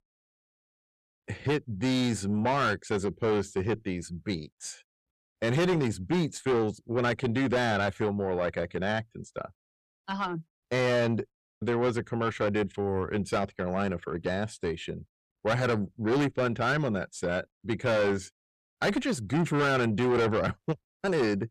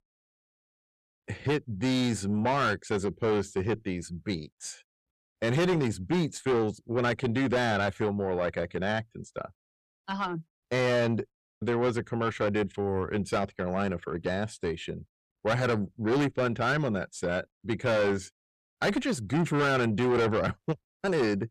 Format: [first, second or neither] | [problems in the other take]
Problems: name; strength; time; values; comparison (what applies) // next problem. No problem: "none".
neither | distortion; heavy; 7 dB below the speech; the same in both